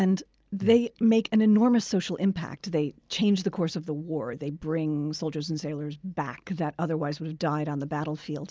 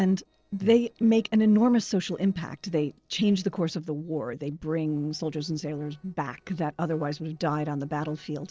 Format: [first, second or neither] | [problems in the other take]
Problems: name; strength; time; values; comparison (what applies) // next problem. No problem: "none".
first | noise reduction (neural separator model SepFormer DNS4)